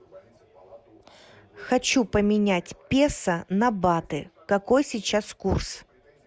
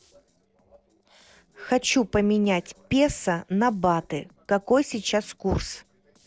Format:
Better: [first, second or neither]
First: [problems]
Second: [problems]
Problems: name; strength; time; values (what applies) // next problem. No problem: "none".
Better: first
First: none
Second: noise reduction (neural separator model SepFormer DNS4)